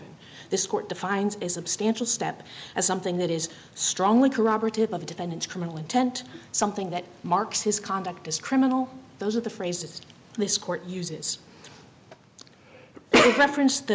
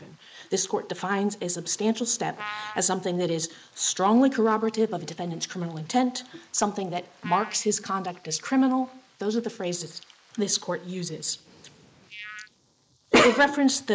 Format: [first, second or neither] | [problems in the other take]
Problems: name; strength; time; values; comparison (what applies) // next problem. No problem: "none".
first | noise reduction (neural mask model Resemble Enhance denoiser)